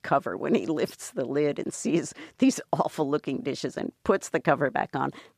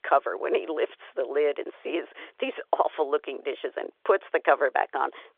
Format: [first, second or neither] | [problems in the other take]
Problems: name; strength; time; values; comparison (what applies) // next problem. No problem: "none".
first | phone-call audio